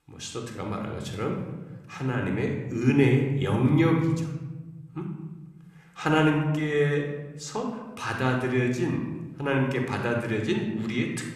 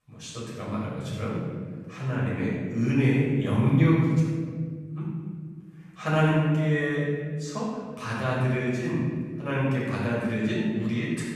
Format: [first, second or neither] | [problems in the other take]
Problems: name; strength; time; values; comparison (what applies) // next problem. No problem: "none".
first | room echo; strong; dies away in 1.8 s; slight in the first // off-mic speech; far